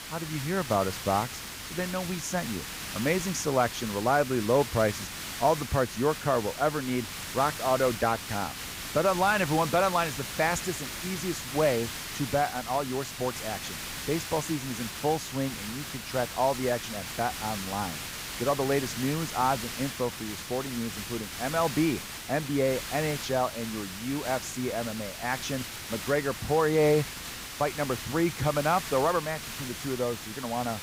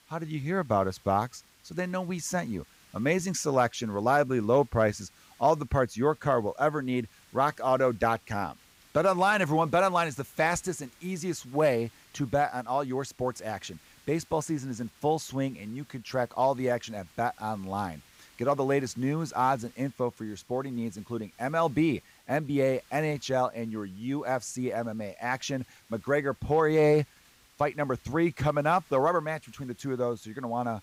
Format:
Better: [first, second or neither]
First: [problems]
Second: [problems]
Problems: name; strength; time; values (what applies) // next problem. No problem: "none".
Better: second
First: hiss; loud; throughout; 7 dB below the speech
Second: hiss; faint; throughout; 30 dB below the speech